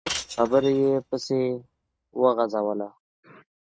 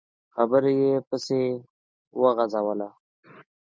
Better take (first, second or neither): second